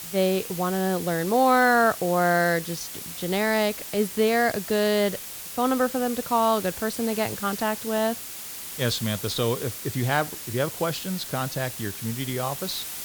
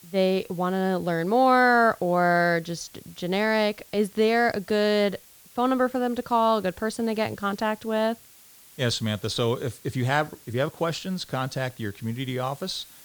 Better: second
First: hiss; loud; throughout; 9 dB below the speech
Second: hiss; faint; throughout; 25 dB below the speech

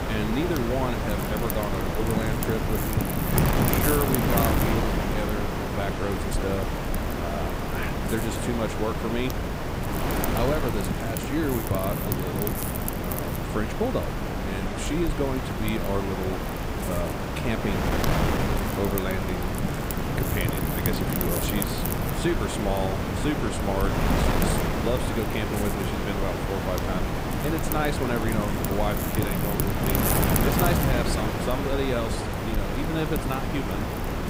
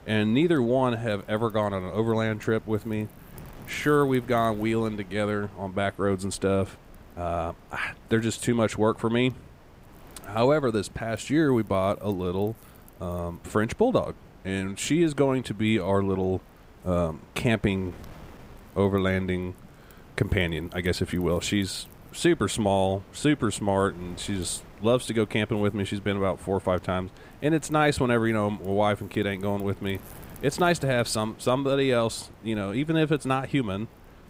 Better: second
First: wind noise on the microphone; heavy; 2 dB above the speech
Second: wind noise on the microphone; occasional gusts; 25 dB below the speech

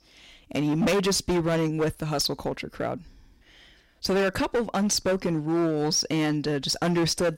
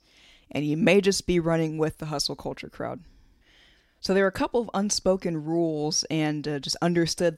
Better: second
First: distortion; heavy; 15% of the sound clipped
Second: none

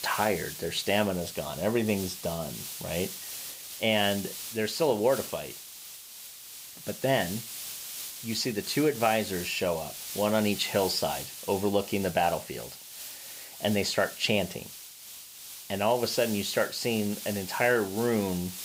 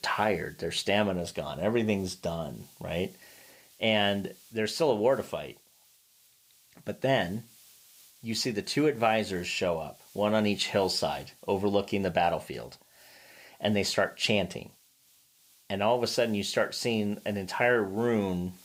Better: second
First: hiss; loud; throughout; 10 dB below the speech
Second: hiss; faint; throughout; 25 dB below the speech

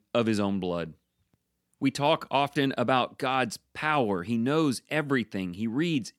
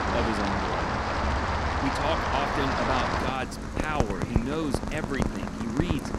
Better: first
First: none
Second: rain or running water; very loud; throughout; 3 dB above the speech

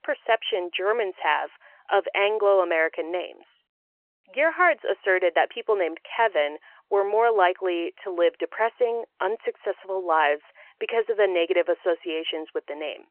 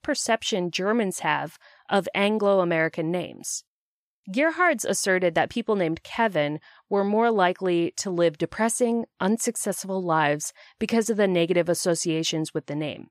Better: second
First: phone-call audio; nothing above 3 kHz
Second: none

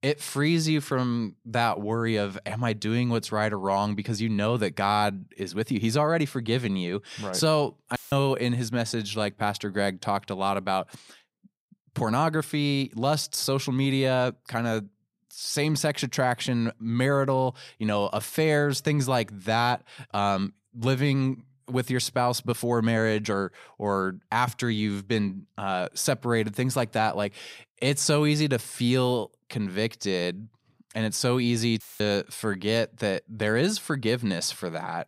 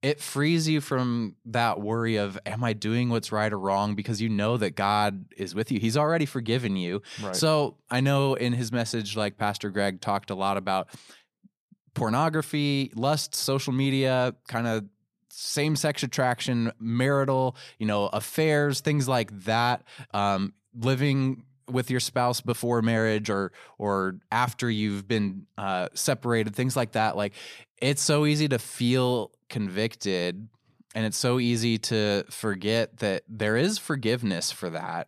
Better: second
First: audio cutting out; filled with static; at 8 s and at 32 s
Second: none

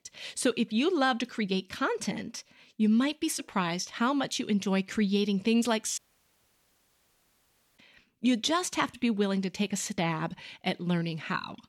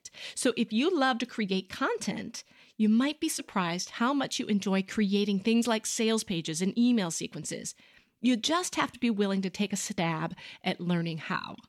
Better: second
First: audio cutting out; at 6 s for 2 s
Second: none

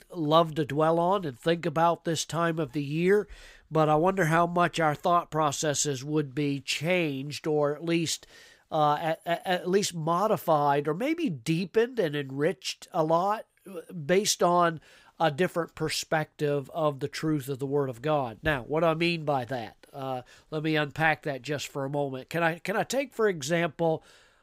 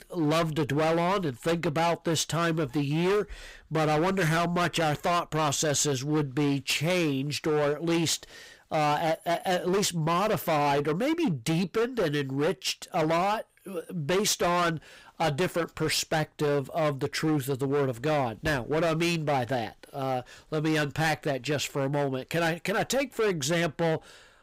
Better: first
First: none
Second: distortion; heavy; 20% of the sound clipped

